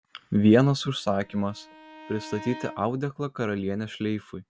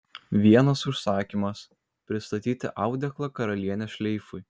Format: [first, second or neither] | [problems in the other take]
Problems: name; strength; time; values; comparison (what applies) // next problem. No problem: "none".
second | background sound (Bowed string instrument); 19 dB below the speech